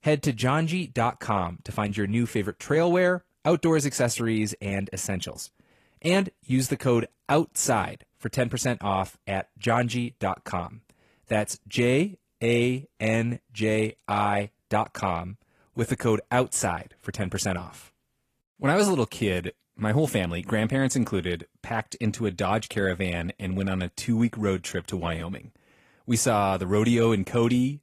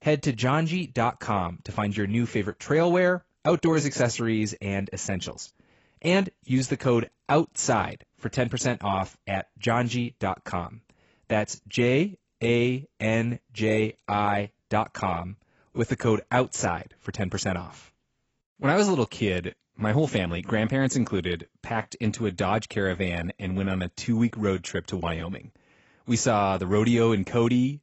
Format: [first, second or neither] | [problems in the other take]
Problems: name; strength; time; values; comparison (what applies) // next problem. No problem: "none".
first | garbled, watery; badly; nothing above 7.5 kHz; slightly in the first